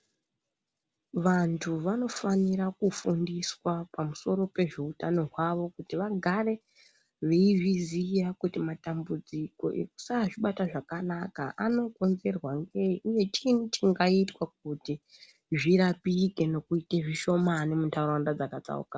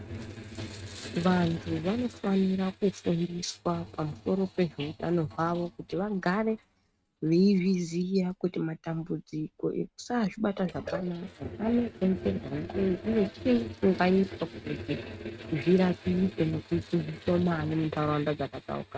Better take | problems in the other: first | noise reduction (neural mask model RNNoise)

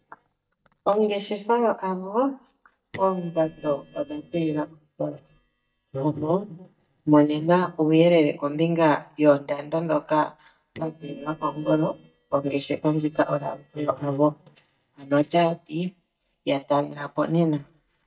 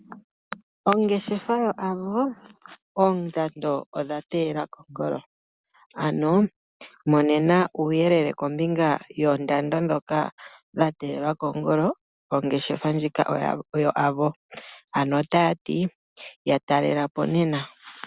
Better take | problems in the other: second | noise reduction (neural mask model DeepFilterNet 3)

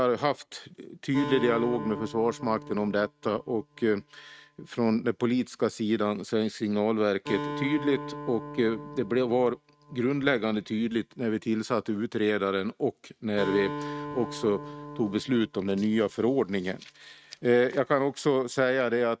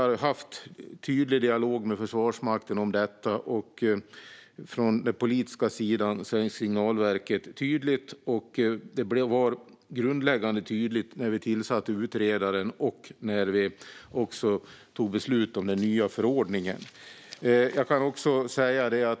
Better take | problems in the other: second | noise reduction (neural mask model RNNoise)

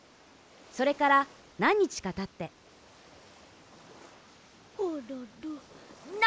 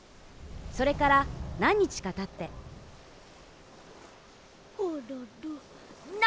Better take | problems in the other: first | background sound (Subway, metro, underground); 12 dB below the speech

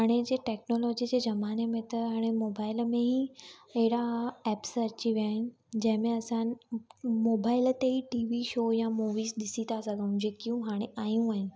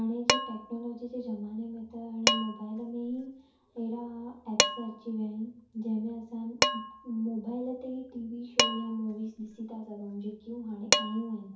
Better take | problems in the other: first | background sound (Dishes, pots, and pans); 2 dB above the speech // room echo; dies away in 0.5 s

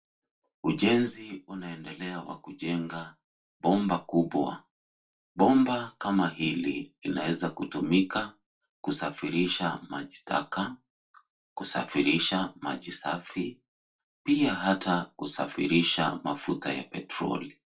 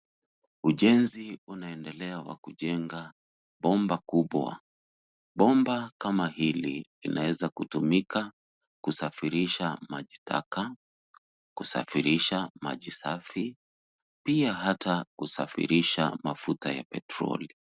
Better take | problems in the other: second | room echo; dies away in 0.2 s

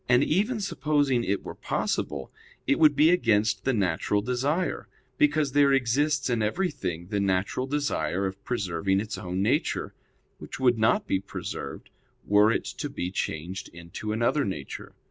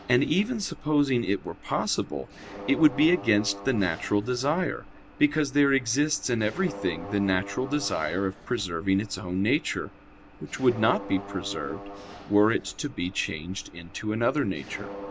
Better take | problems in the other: first | background sound (Mechanisms); 15 dB below the speech

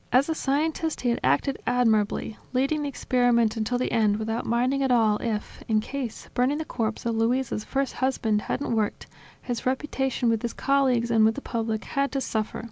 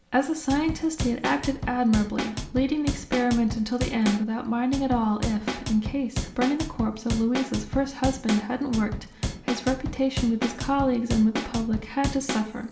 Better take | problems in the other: first | background sound (Drum / Drum kit); 6 dB below the speech // room echo; dies away in 1.7 s

